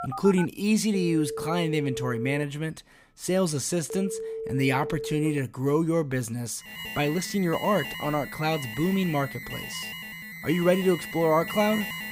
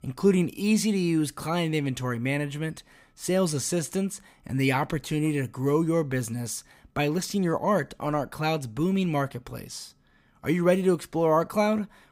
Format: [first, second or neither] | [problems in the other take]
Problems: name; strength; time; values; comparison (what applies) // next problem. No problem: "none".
second | alarms or sirens; loud; throughout; 9 dB below the speech